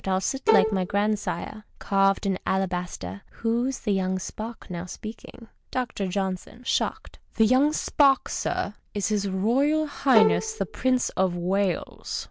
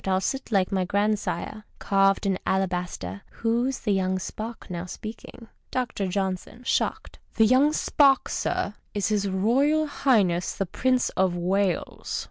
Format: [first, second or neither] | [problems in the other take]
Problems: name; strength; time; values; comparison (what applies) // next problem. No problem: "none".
second | background sound (Bowed string instrument); 2 dB below the speech